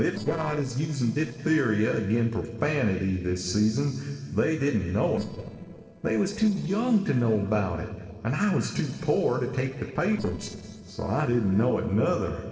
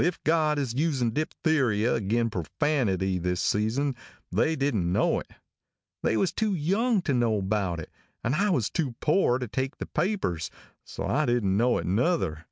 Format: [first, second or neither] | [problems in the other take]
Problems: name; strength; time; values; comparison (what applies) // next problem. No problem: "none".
second | noise reduction (neural separator model SepFormer DNS4)